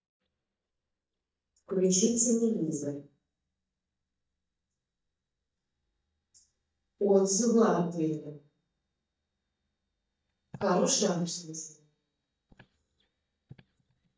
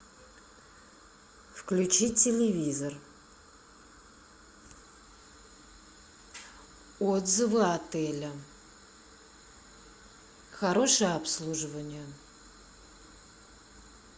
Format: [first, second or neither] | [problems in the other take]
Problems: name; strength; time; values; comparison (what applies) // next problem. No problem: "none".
second | noise reduction (neural mask model DeepFilterNet 3)